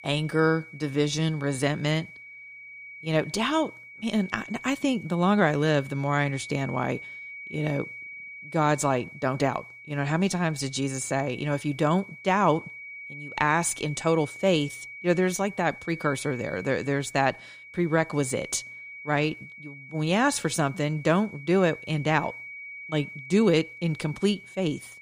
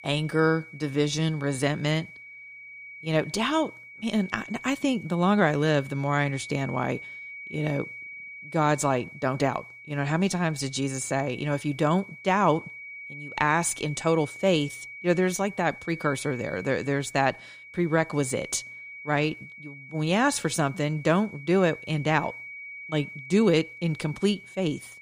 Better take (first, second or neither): neither